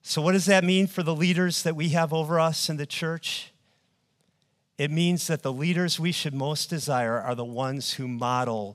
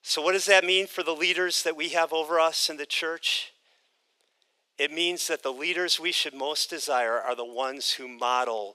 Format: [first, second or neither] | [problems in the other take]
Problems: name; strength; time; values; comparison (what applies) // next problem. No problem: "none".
first | thin; very; fading below 300 Hz